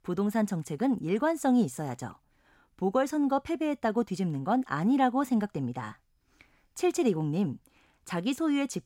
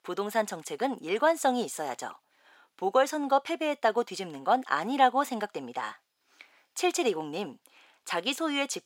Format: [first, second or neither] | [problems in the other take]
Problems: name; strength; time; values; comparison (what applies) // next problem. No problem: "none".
first | thin; somewhat; fading below 550 Hz